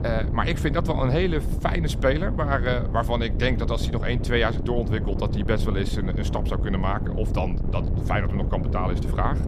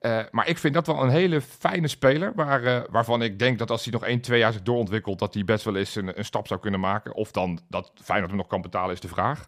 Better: second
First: wind noise on the microphone; heavy; 10 dB below the speech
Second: none

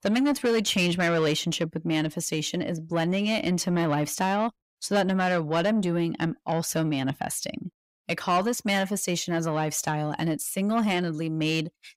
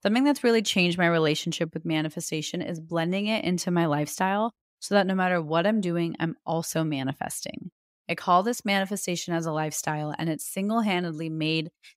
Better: second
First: distortion; slight; 10 dB below the speech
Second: none

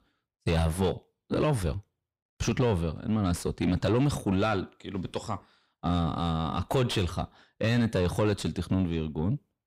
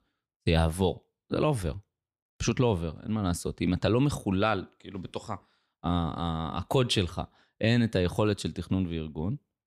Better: second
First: distortion; slight; 10 dB below the speech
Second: none

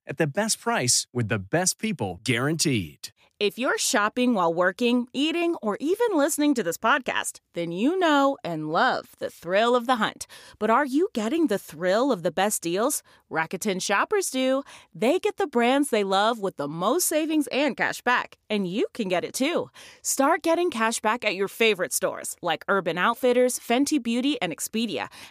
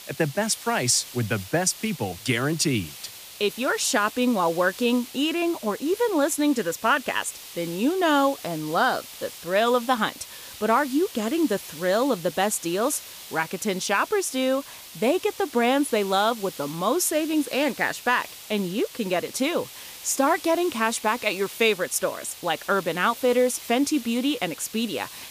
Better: first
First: none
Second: hiss; noticeable; throughout; 15 dB below the speech

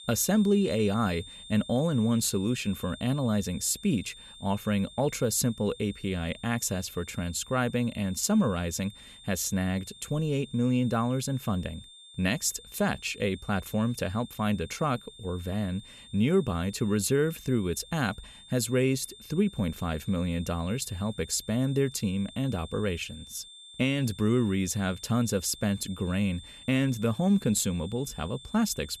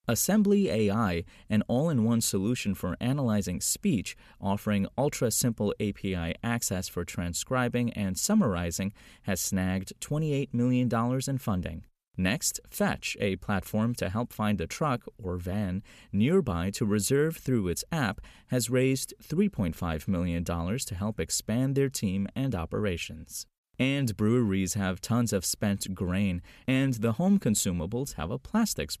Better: second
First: high-pitched whine; noticeable; throughout; 3.5 kHz, 20 dB below the speech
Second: none

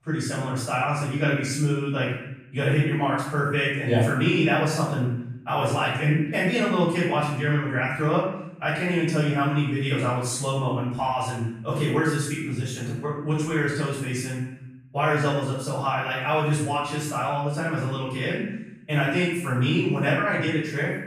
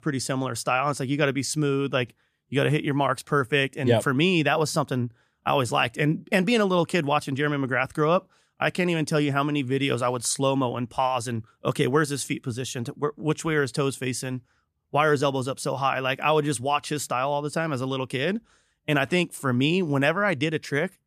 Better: second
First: room echo; strong; dies away in 0.8 s // off-mic speech; far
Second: none

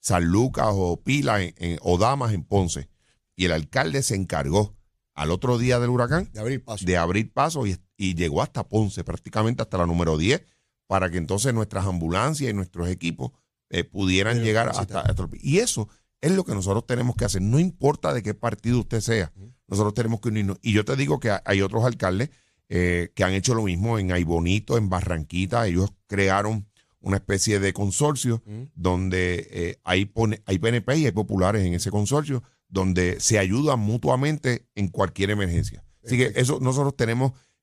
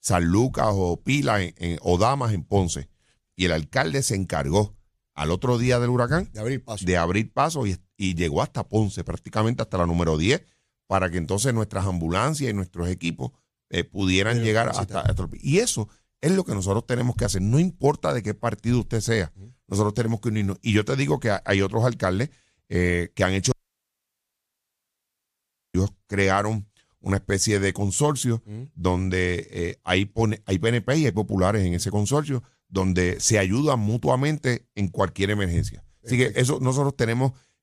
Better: first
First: none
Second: audio cutting out; at 24 s for 2 s

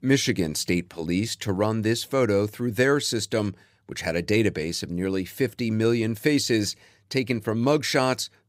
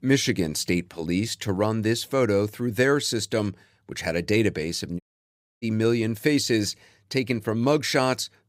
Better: first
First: none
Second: audio cutting out; at 5 s for 0.5 s

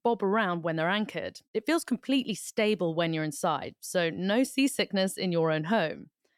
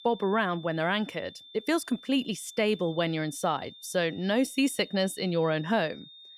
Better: first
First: none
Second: high-pitched whine; noticeable; throughout; 3.5 kHz, 20 dB below the speech

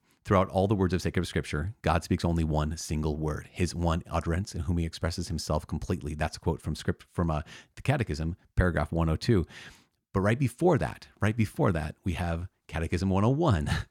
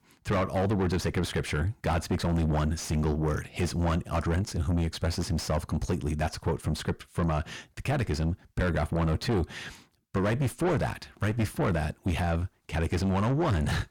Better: first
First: none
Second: distortion; heavy; 5 dB below the speech

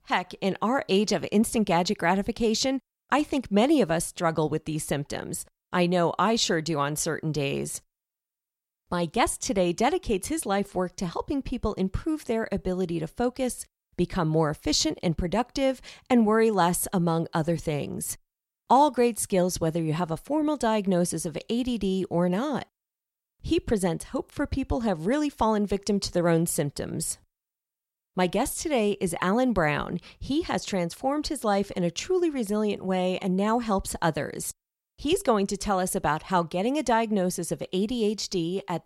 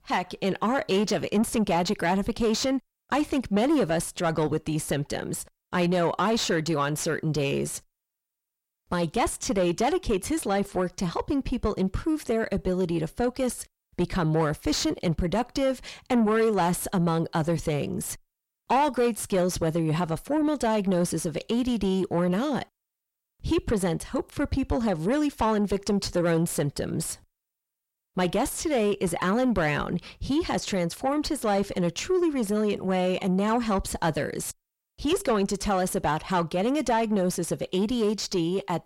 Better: first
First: none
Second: distortion; slight; 10 dB below the speech

